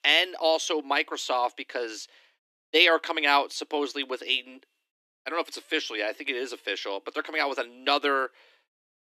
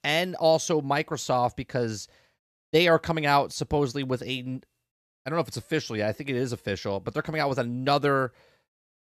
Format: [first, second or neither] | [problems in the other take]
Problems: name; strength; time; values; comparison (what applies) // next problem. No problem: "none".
second | thin; somewhat; fading below 300 Hz